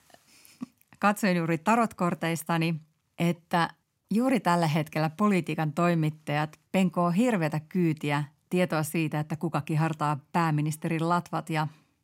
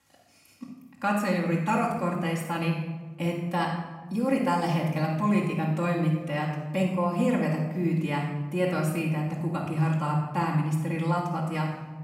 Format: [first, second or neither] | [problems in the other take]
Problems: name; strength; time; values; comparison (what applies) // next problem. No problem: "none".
first | off-mic speech; far // room echo; noticeable; dies away in 1.2 s